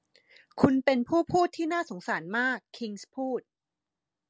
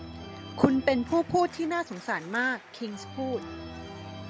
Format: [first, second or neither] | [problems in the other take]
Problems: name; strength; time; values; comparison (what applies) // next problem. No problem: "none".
first | background sound (Organ); 13 dB below the speech